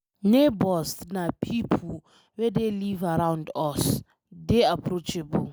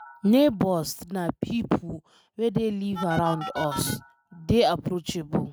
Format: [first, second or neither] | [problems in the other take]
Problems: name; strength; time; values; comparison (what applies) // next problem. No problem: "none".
first | noise reduction (neural mask model RNNoise)